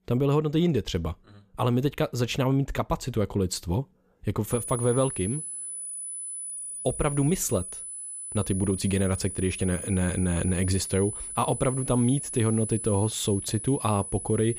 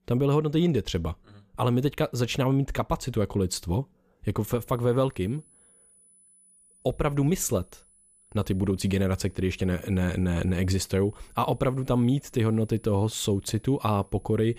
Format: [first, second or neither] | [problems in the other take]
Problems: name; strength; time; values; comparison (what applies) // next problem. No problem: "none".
second | high-pitched whine; loud; from 4.5 s on; 10 kHz, 7 dB below the speech; faint in the second